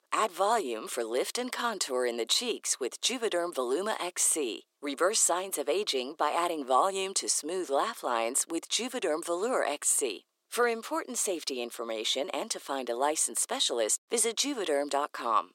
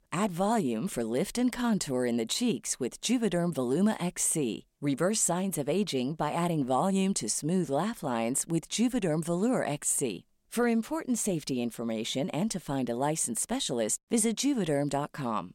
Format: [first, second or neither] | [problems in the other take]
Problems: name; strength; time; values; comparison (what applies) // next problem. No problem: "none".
second | thin; very; fading below 350 Hz